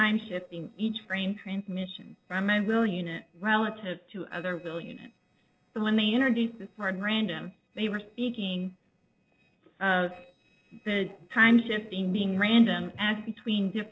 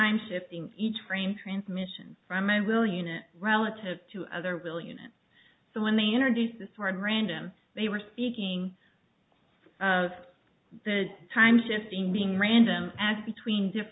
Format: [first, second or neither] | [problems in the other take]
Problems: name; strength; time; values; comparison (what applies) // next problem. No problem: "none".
second | noise reduction (neural separator model SepFormer DNS4)